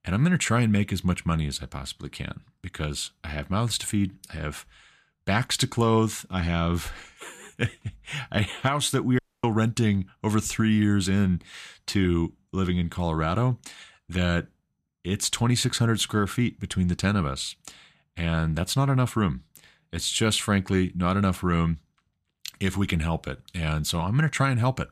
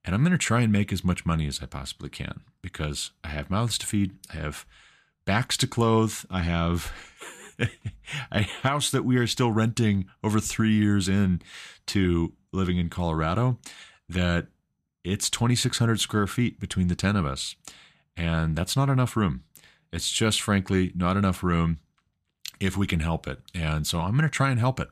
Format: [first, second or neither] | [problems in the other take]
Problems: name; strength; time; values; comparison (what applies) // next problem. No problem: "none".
second | audio cutting out; at 9 s